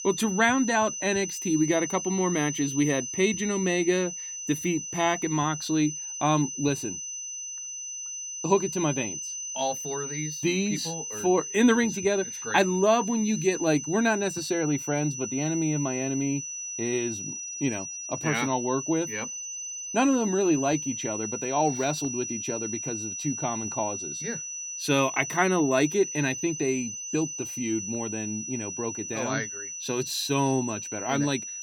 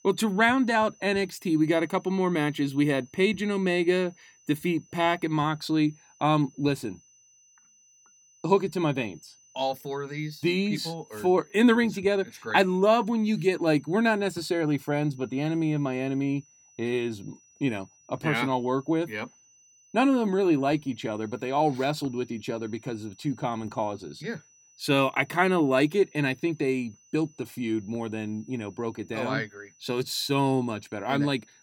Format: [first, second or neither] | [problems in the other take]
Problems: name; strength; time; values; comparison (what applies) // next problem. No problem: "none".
second | high-pitched whine; loud; throughout; 6 kHz, 6 dB below the speech; faint in the second